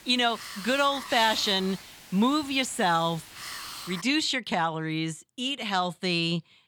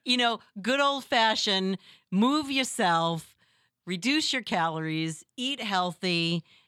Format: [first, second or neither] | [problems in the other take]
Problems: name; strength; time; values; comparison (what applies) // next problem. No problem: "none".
second | hiss; noticeable; until 4 s; 15 dB below the speech